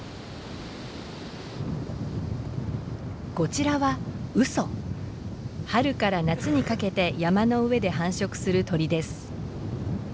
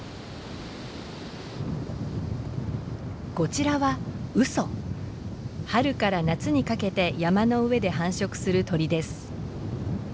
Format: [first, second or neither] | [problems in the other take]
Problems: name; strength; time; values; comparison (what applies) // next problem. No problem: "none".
second | background sound (Cough); 15 dB below the speech